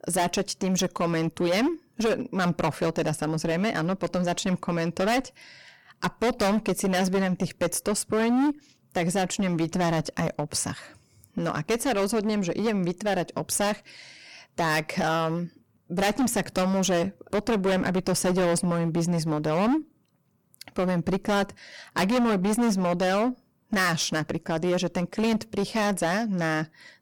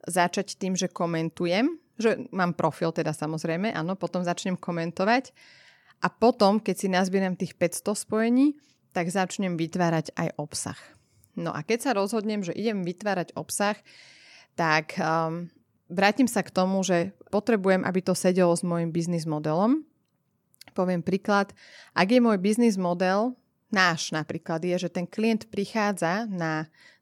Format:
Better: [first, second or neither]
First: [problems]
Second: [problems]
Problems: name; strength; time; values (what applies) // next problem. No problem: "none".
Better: second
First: distortion; heavy; 16% of the sound clipped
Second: none